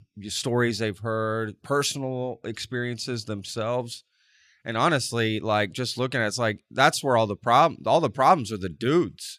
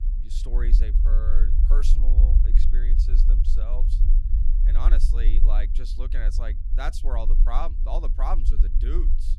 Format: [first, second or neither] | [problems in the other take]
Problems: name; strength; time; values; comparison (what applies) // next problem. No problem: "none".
first | low rumble; loud; throughout; 8 dB below the speech